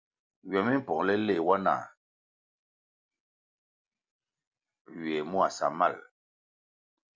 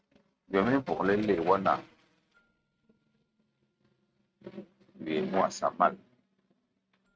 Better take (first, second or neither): first